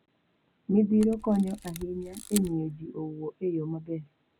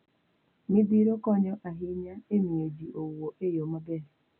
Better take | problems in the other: second | background sound (Camera); 14 dB below the speech

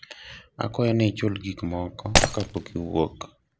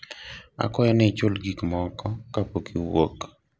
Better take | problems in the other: second | background sound (Shatter); 1 dB above the speech

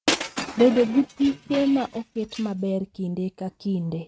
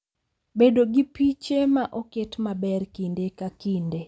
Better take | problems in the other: second | noise reduction (neural mask model RNNoise)

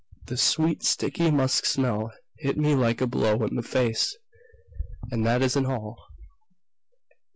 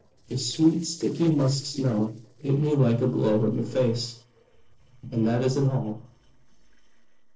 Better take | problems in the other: first | noise reduction (neural separator model SepFormer DNS4)

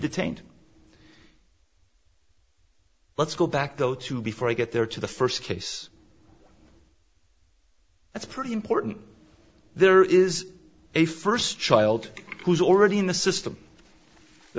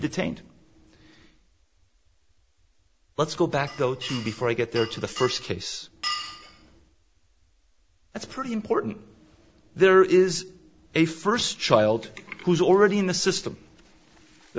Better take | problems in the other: first | background sound (Glass); 11 dB below the speech

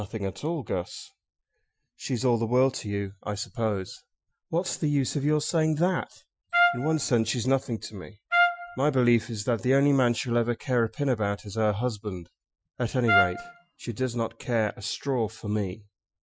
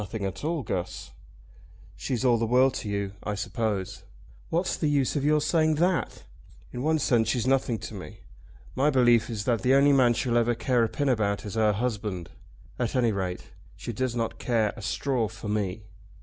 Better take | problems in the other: second | noise reduction (classical method Wiener filter)

